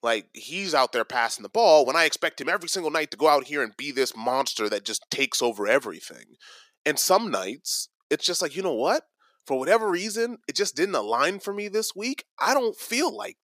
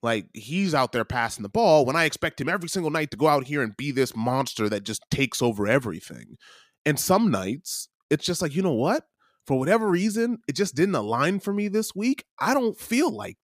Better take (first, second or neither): second